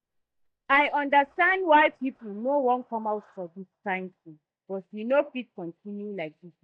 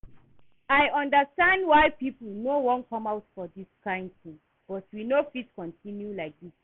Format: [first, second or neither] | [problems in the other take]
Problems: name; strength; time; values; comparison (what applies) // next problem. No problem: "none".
second | noise reduction (neural mask model DeepFilterNet 3)